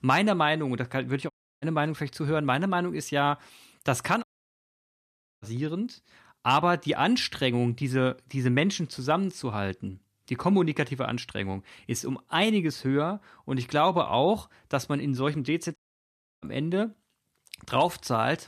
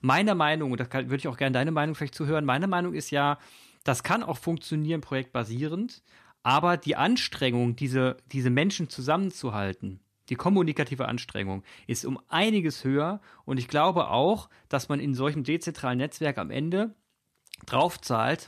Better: second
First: audio cutting out; at 1.5 s, at 4 s for 1 s and at 16 s for 0.5 s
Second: none

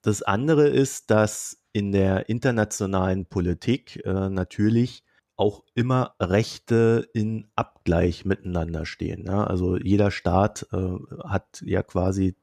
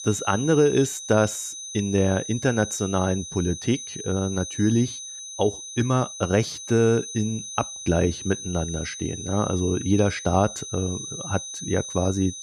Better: first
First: none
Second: high-pitched whine; loud; throughout; 6 kHz, 9 dB below the speech

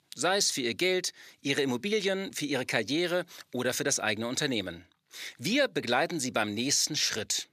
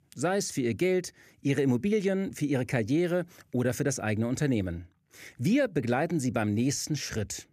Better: second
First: thin; somewhat; fading below 750 Hz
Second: none

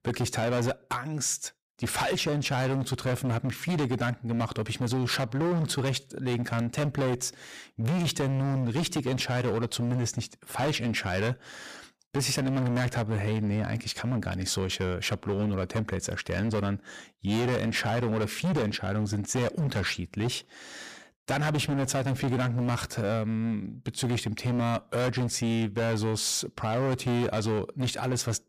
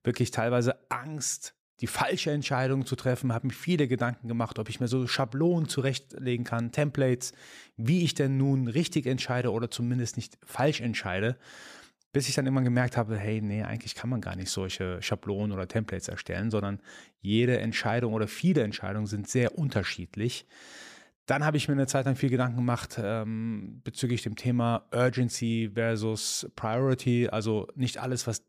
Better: second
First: distortion; heavy; 22% of the sound clipped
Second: none

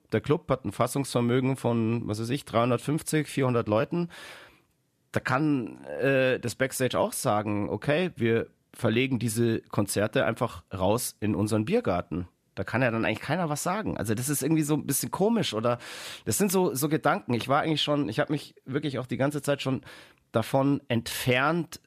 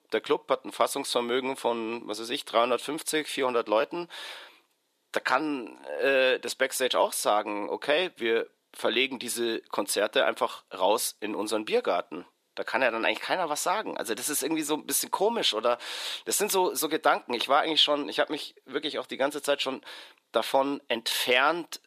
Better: first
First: none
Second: thin; somewhat; fading below 350 Hz

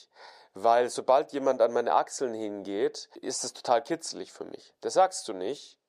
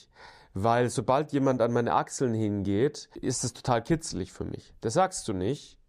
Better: second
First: thin; somewhat; fading below 450 Hz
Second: none

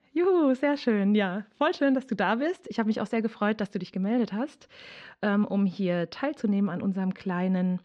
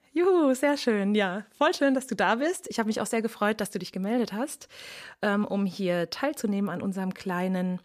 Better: second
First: muffled; very slightly; fading above 4 kHz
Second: none

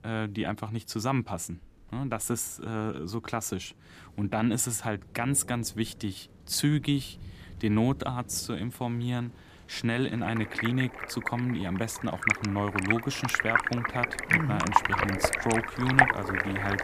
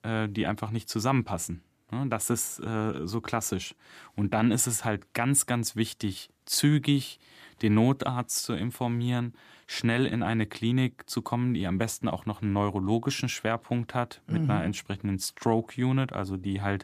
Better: second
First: rain or running water; very loud; throughout; 3 dB above the speech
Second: none

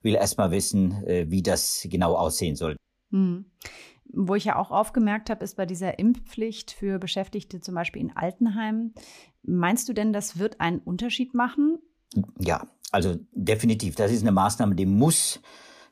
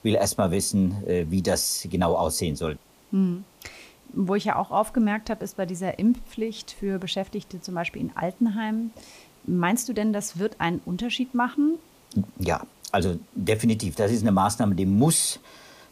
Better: first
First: none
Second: hiss; faint; throughout; 30 dB below the speech

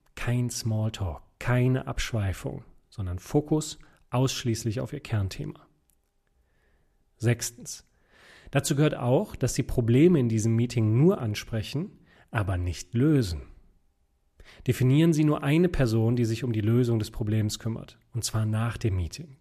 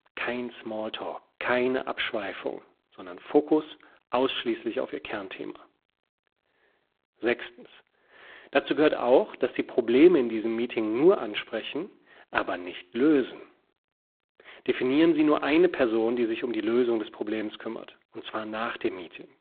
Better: first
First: none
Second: phone-call audio; poor line

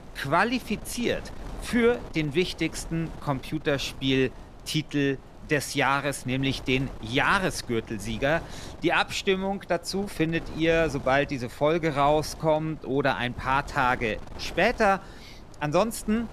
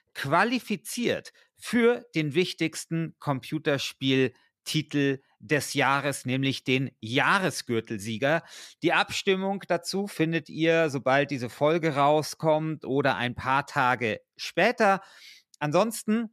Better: second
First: wind noise on the microphone; occasional gusts; 20 dB below the speech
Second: none

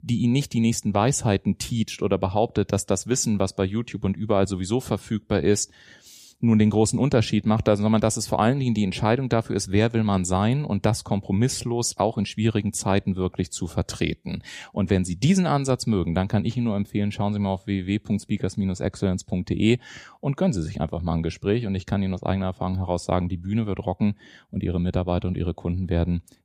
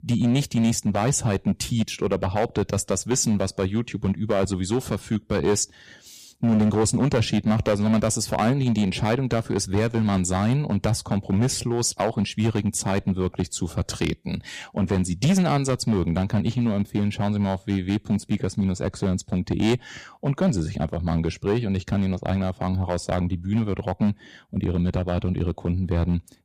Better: first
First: none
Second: distortion; slight; 6% of the sound clipped

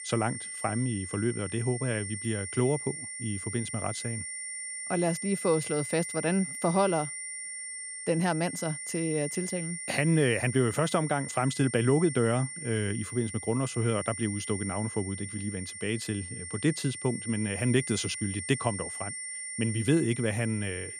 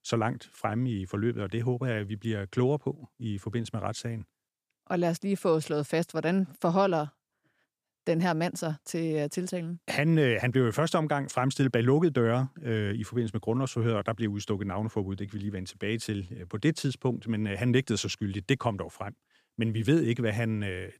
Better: second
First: high-pitched whine; loud; throughout; 9 kHz, 6 dB below the speech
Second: none

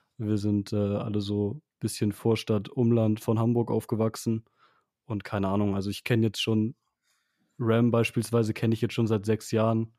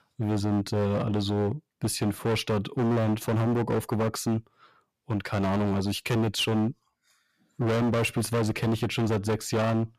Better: first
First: none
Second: distortion; heavy; 24% of the sound clipped

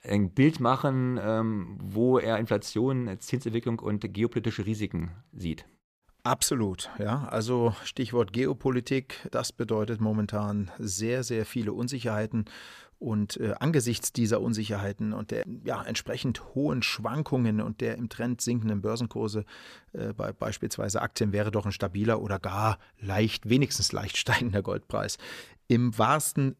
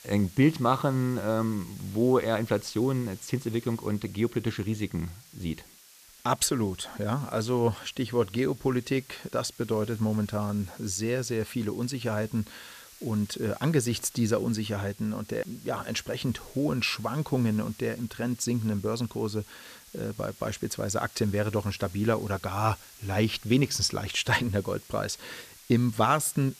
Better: first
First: none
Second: hiss; faint; throughout; 20 dB below the speech

